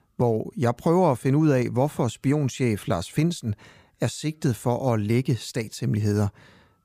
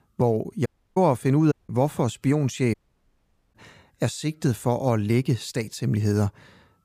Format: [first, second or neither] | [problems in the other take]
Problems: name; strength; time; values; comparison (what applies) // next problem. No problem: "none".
first | audio cutting out; at 0.5 s, at 1.5 s and at 2.5 s for 1 s